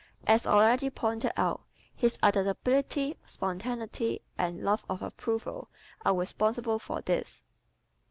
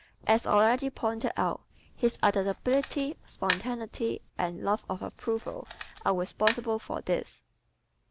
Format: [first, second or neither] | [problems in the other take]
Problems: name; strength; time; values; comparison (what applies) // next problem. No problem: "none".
first | background sound (Camera); 11 dB below the speech